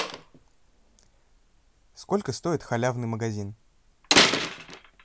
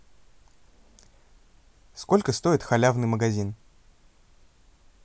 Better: second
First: background sound (Slam); 3 dB above the speech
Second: none

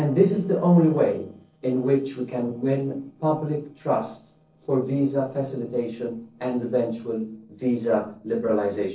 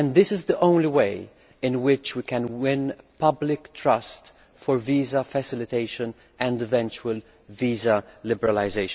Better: second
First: noise reduction (neural separator model SepFormer DNS4)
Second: none

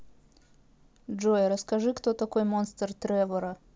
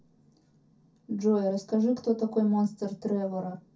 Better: first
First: none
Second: room echo; dies away in 0.3 s

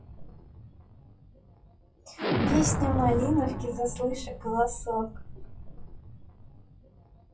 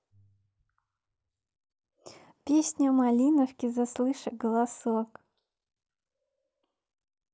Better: second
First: noise reduction (classical method WPE with log-MMSE)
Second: none

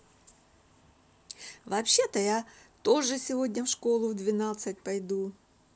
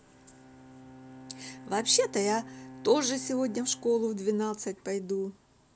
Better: first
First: none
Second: background sound (Bowed string instrument); 18 dB below the speech

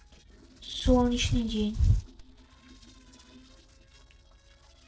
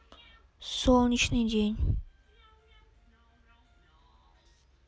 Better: second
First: noise reduction (neural separator model SepFormer DNS4)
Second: none

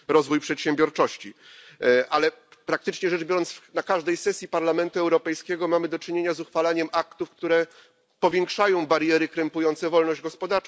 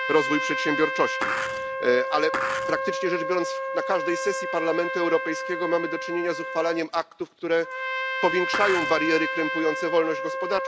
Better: first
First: none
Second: background sound (Skateboard + Trumpet); 3 dB below the speech

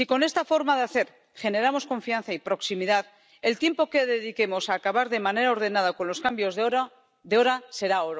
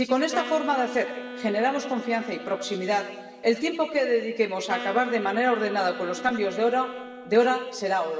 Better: first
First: none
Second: background sound (Wind instrument, woodwind instrument); 13 dB below the speech // room echo; dies away in 2.2 s

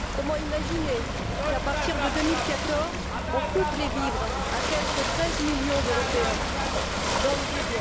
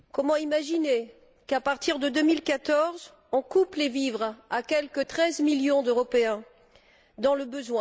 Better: second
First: background sound (Ocean / Boat, Water vehicle); 3 dB above the speech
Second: none

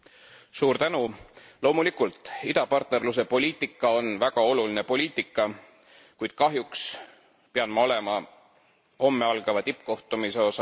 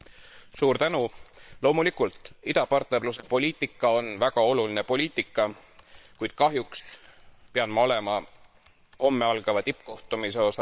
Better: first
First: none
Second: noise reduction (neural separator model SepFormer WHAM!)

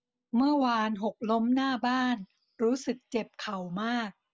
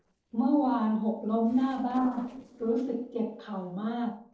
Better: first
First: none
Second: noise reduction (neural separator model SepFormer DNS4)

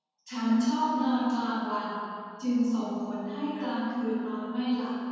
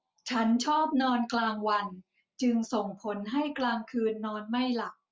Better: second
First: room echo; dies away in 2.1 s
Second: none

